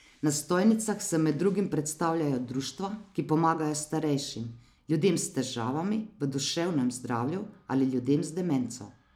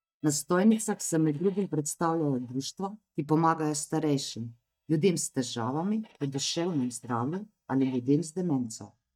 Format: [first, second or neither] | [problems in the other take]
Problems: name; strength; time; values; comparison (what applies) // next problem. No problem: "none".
first | noise reduction (neural mask model DeepFilterNet 3)